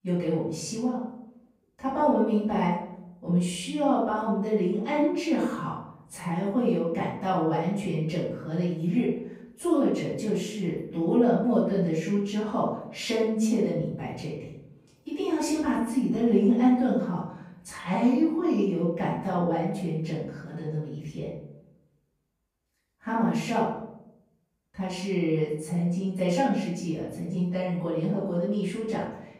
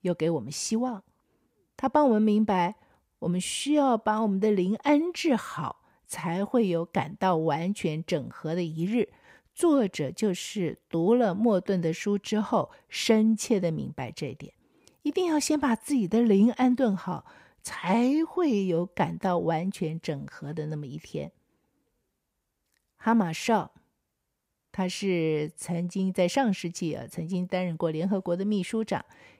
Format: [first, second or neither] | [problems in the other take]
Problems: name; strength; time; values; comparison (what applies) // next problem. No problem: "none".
second | off-mic speech; far // room echo; noticeable; dies away in 0.7 s